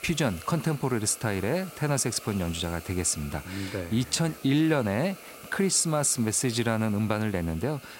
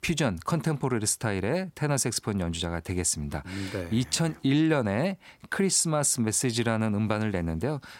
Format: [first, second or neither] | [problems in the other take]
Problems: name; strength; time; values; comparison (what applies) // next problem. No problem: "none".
second | hiss; noticeable; throughout; 15 dB below the speech